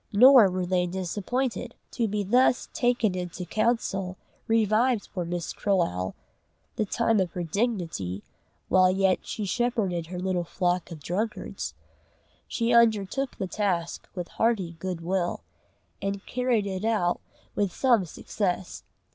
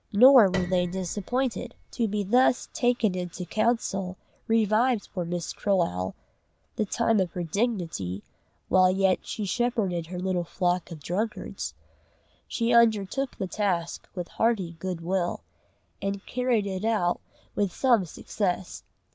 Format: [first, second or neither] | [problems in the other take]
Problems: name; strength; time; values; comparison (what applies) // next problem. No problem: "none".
first | background sound (Piano); 13 dB below the speech